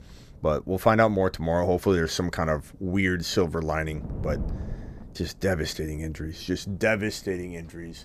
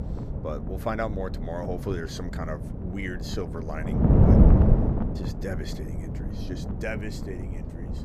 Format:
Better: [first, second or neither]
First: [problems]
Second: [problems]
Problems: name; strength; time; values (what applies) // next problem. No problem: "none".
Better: first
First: wind noise on the microphone; occasional gusts; 25 dB below the speech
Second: wind noise on the microphone; heavy; 1 dB above the speech